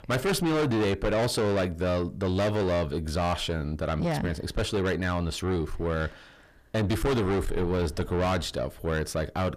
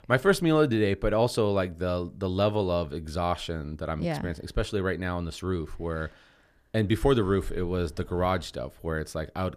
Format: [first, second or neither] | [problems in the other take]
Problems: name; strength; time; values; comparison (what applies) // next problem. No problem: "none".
second | distortion; heavy; 6 dB below the speech